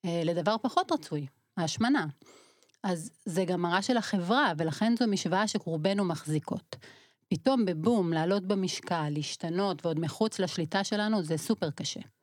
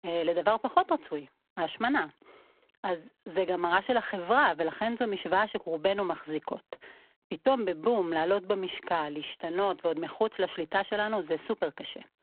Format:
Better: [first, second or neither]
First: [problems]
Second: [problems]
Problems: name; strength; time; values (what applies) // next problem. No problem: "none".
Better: first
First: none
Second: phone-call audio; poor line